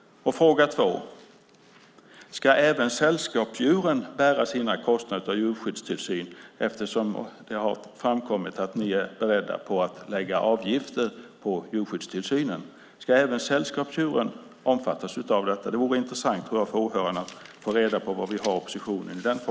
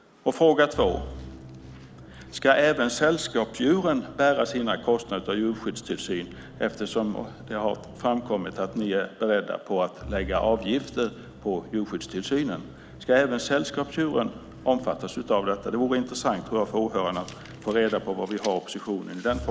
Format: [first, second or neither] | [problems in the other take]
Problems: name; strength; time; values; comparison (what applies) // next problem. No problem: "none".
first | background sound (Musical instrument); 17 dB below the speech